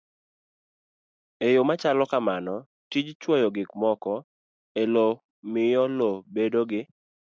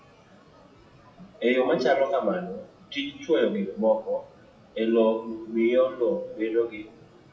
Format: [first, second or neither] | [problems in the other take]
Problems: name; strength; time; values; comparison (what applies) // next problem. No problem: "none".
first | noise reduction (classical method WPE with log-MMSE)